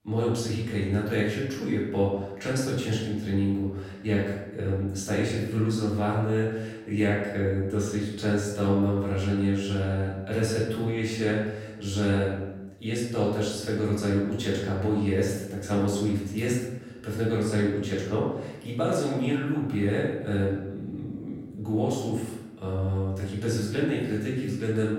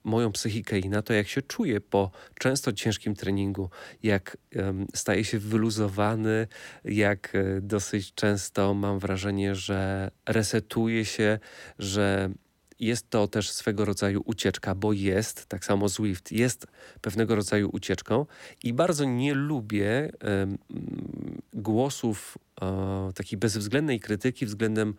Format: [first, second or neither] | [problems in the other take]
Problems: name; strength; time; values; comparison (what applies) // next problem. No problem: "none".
second | room echo; noticeable; dies away in 0.9 s // off-mic speech; far